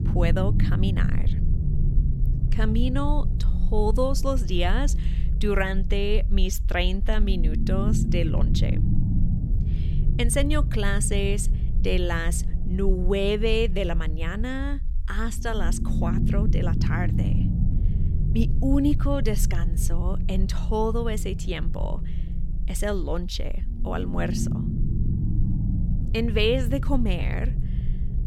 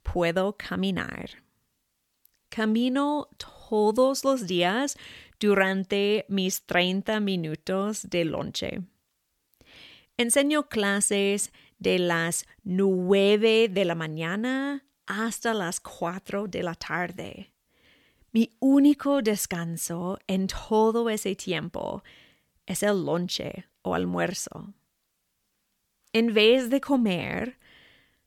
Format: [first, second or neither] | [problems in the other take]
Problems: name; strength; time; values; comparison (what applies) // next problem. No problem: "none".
second | low rumble; loud; throughout; 10 dB below the speech